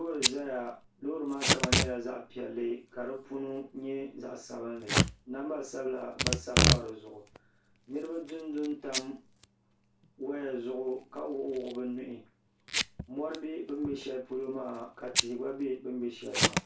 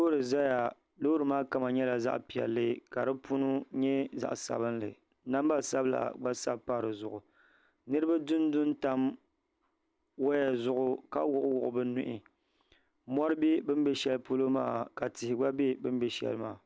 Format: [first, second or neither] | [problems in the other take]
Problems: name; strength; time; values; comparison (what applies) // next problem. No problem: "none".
second | background sound (Packing tape, duct tape / Tearing); 3 dB above the speech // room echo; dies away in 0.2 s